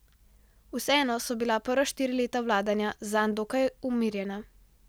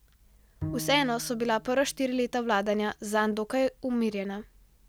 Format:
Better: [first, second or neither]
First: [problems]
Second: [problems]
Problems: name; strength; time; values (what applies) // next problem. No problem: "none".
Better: first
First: none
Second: background sound (Bowed string instrument); 13 dB below the speech